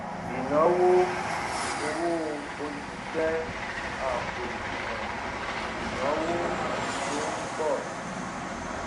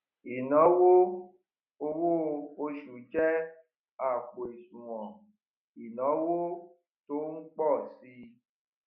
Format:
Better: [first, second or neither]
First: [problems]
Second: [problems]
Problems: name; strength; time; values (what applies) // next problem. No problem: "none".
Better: second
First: background sound (Train); 2 dB below the speech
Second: none